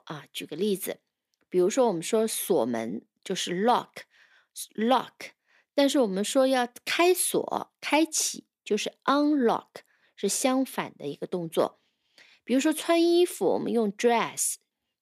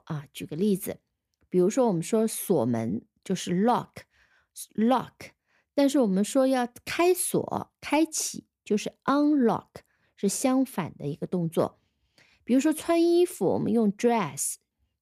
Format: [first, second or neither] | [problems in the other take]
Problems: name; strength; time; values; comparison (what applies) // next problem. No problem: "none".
second | thin; very slightly; fading below 300 Hz